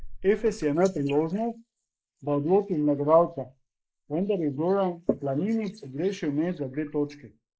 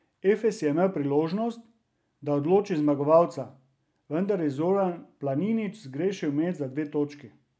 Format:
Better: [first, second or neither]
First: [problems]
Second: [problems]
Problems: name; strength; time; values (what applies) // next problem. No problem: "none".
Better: second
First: noise reduction (neural mask model Resemble Enhance denoiser)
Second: none